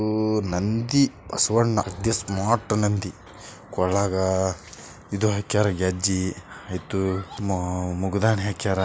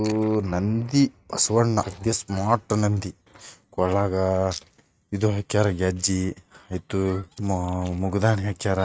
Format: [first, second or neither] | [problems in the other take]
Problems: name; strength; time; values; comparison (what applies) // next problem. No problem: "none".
first | noise reduction (neural mask model RNNoise)